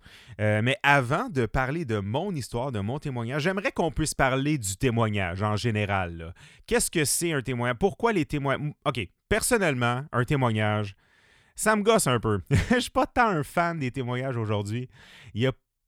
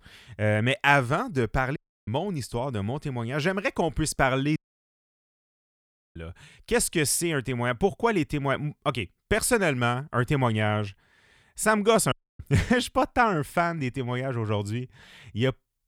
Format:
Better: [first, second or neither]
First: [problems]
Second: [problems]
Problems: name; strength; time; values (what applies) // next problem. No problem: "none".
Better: first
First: none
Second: audio cutting out; at 2 s, at 4.5 s for 1.5 s and at 12 s